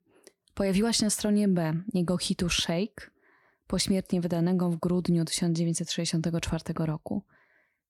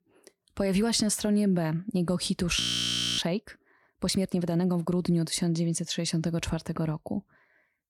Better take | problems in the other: first | audio freezing; at 2.5 s for 0.5 s

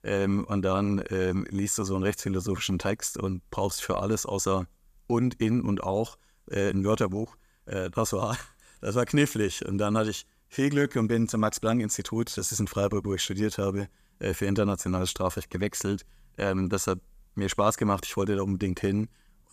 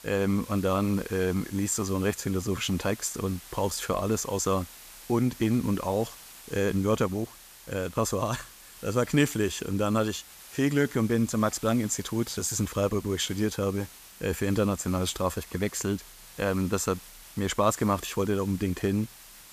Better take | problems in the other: first | hiss; noticeable; throughout; 15 dB below the speech

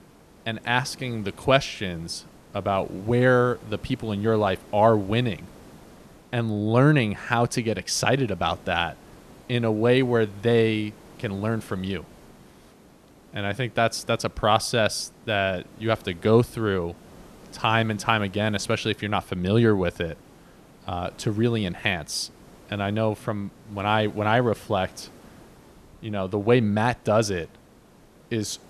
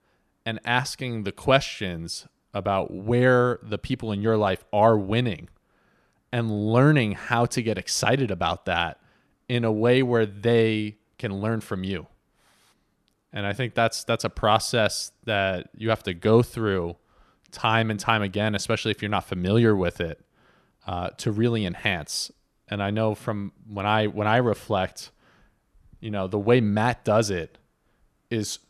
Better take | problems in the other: second | hiss; faint; throughout; 25 dB below the speech

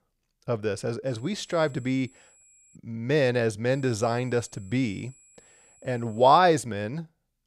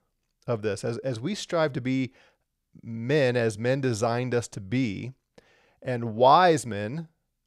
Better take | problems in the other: second | high-pitched whine; faint; from 1 to 3 s and from 3.5 to 6.5 s; 7.5 kHz, 30 dB below the speech

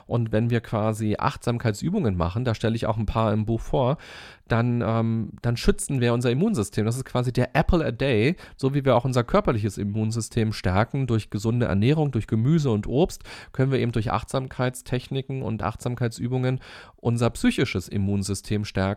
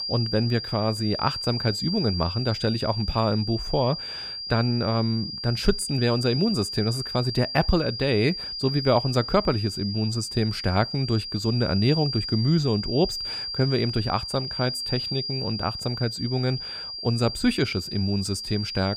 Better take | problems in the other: first | high-pitched whine; loud; throughout; 5 kHz, 5 dB below the speech

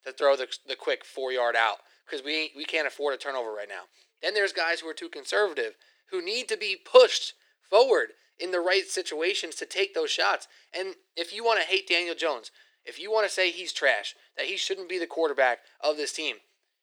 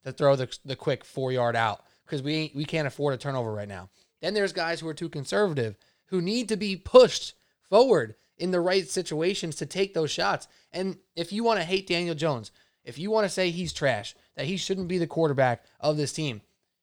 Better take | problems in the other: second | thin; very; fading below 350 Hz

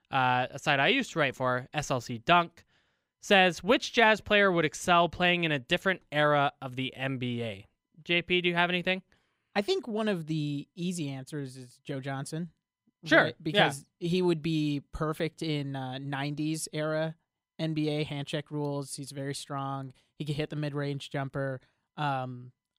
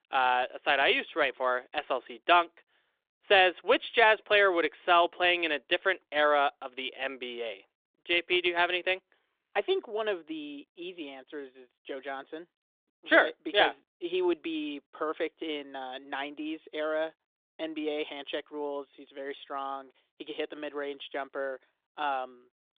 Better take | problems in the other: first | phone-call audio

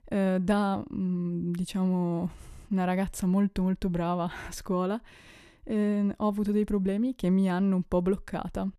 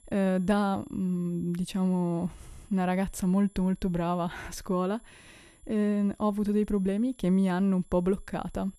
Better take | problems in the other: first | high-pitched whine; faint; throughout; 11 kHz, 30 dB below the speech

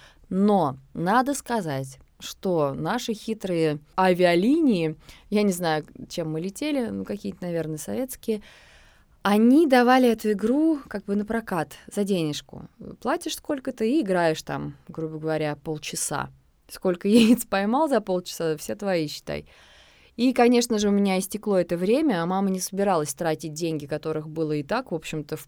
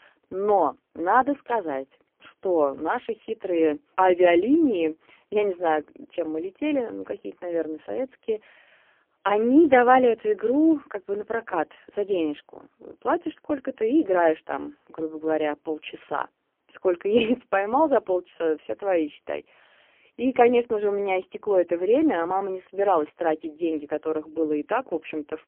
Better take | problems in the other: first | phone-call audio; poor line; nothing above 3 kHz

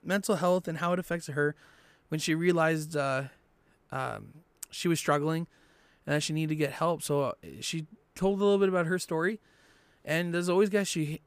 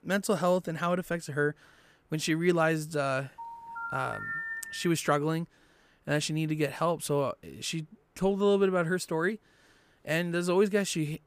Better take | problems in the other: first | phone ringing; noticeable; from 3.5 to 5 s; peak 5 dB below the speech

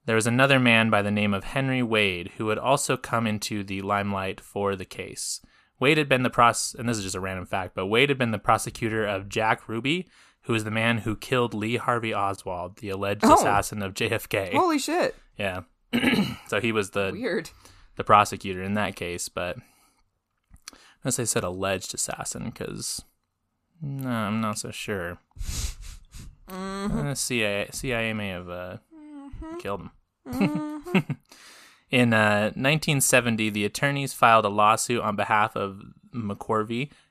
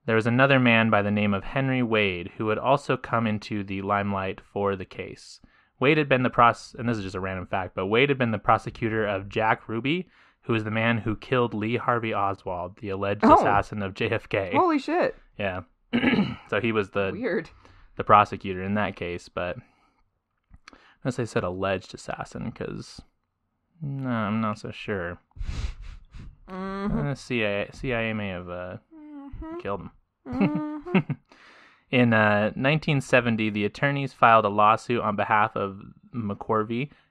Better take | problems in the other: first | muffled; slightly; fading above 2.5 kHz

